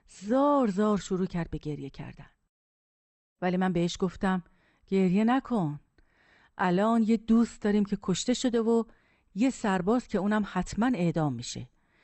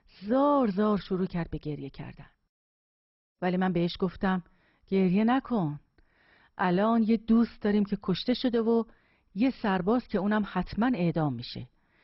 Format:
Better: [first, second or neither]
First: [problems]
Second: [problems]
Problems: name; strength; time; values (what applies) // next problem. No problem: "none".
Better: first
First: garbled, watery; slightly; nothing above 8 kHz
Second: garbled, watery; badly; nothing above 5.5 kHz